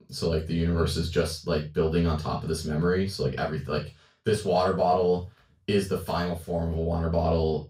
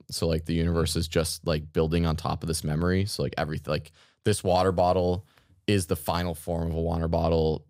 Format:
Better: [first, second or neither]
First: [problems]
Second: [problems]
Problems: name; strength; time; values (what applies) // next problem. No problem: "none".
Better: second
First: room echo; slight; dies away in 0.2 s // off-mic speech; far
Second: none